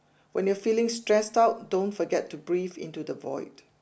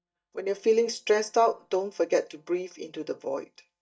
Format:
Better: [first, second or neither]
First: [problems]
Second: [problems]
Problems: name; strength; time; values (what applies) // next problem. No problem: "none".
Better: first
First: none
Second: noise reduction (neural mask model DeepFilterNet 3)